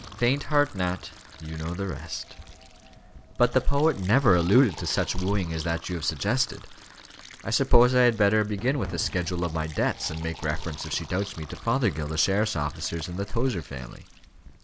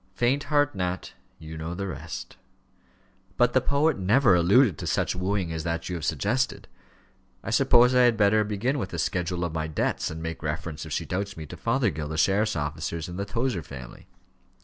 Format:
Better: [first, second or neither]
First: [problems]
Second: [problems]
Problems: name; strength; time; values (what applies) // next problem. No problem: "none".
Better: second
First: background sound (Fireworks + Fill (with liquid)); 18 dB below the speech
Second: none